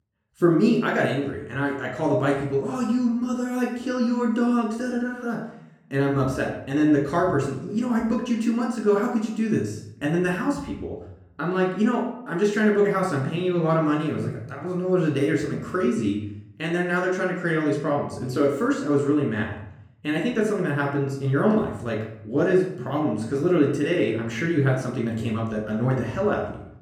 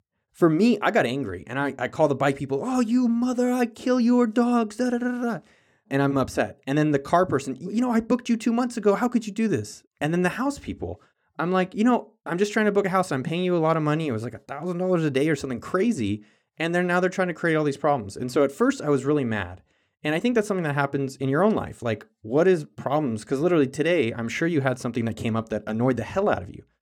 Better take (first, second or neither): second